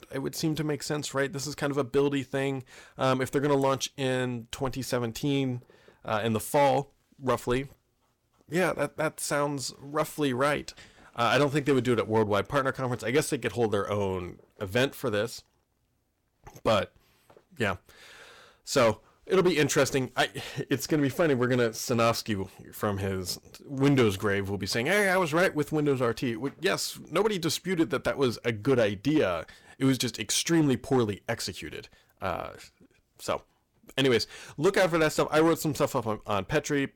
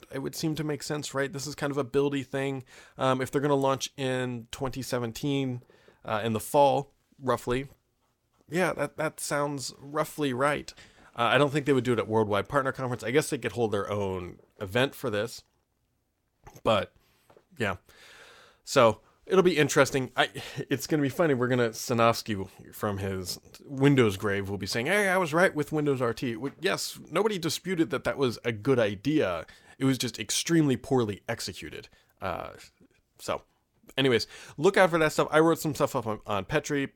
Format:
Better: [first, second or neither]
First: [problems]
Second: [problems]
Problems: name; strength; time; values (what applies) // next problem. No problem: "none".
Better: second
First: distortion; slight; 3% of the sound clipped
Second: none